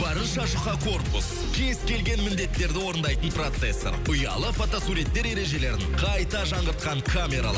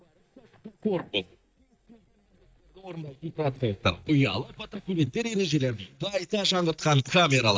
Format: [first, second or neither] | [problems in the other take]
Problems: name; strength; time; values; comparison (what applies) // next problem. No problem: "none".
first | noise reduction (neural mask model DeepFilterNet 3)